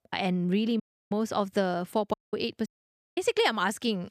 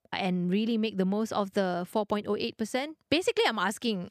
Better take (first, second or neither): second